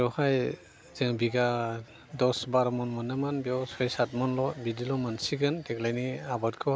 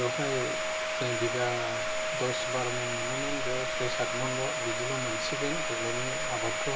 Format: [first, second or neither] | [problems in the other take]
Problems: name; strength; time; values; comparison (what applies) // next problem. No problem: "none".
first | background sound (Domestic sounds, home sounds); 3 dB above the speech // room echo; dies away in 0.4 s